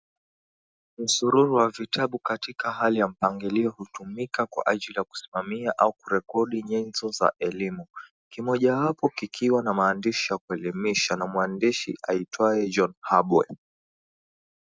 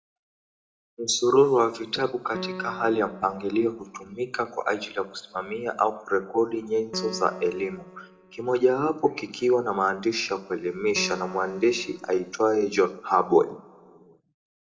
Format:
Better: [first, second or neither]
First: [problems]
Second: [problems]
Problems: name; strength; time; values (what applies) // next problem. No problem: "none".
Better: first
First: none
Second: background sound (Piano); 16 dB below the speech // room echo; dies away in 1.1 s